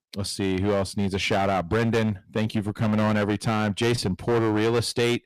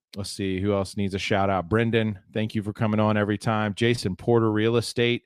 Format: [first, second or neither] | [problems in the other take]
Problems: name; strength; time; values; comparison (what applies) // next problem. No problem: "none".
second | distortion; heavy; 13% of the sound clipped